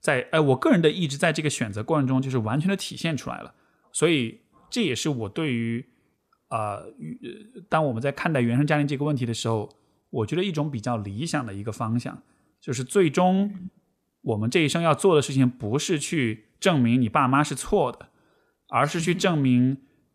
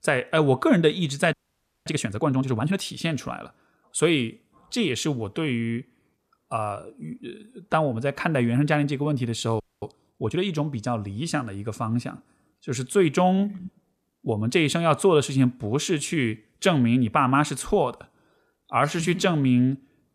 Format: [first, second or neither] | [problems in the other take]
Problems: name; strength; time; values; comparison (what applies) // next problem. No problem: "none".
first | audio freezing; at 1.5 s for 0.5 s and at 9.5 s